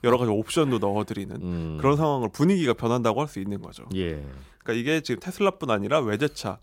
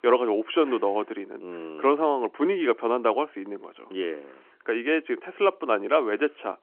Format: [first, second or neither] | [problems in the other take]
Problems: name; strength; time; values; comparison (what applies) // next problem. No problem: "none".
first | phone-call audio